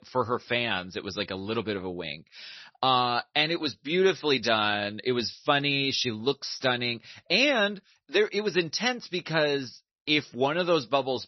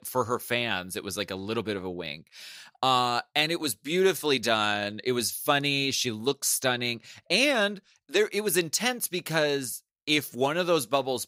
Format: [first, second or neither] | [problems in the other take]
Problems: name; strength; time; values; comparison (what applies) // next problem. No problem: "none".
second | garbled, watery; slightly; nothing above 6 kHz